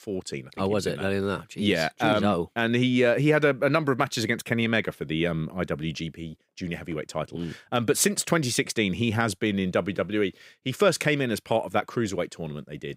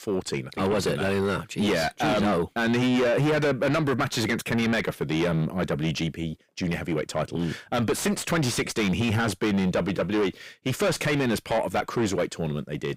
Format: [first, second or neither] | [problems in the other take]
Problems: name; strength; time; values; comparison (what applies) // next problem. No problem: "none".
first | distortion; heavy; 5 dB below the speech